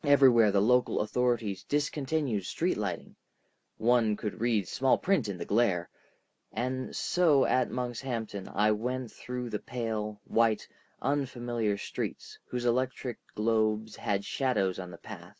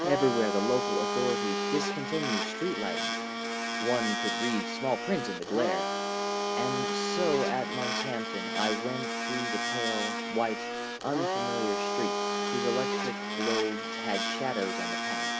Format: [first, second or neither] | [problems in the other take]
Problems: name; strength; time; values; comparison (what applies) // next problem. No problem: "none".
first | background sound (Domestic sounds, home sounds); 1 dB above the speech